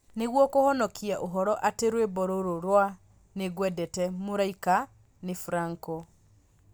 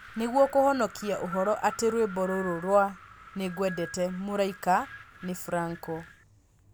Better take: first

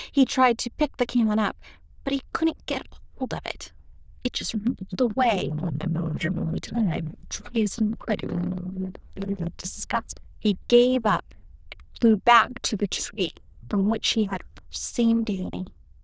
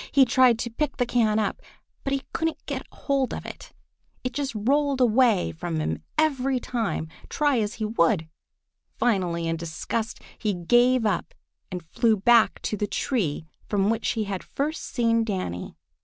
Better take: second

